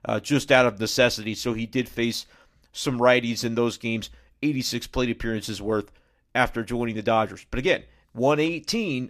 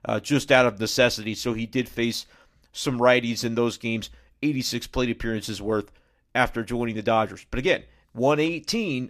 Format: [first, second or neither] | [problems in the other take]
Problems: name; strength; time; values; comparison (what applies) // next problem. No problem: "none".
neither | none